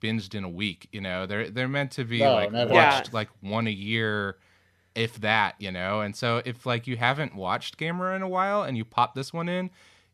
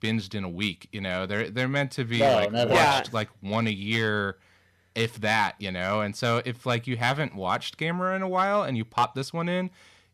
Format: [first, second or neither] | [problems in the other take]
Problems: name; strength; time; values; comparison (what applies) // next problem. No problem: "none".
first | distortion; slight; 1.8% of the sound clipped